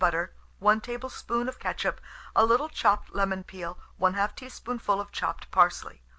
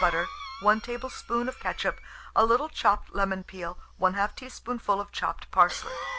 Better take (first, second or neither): first